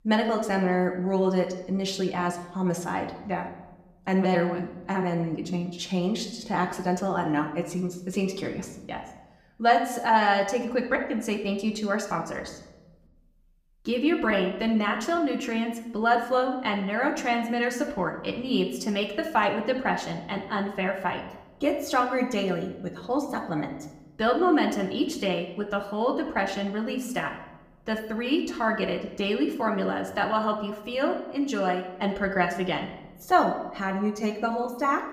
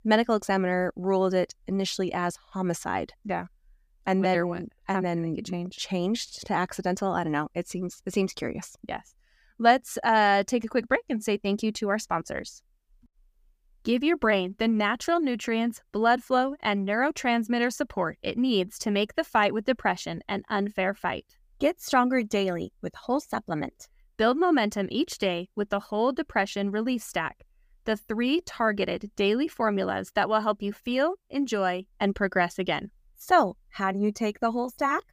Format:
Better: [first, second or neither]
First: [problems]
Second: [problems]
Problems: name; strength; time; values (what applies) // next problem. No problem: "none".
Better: second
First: room echo; slight; dies away in 0.8 s // off-mic speech; somewhat distant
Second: none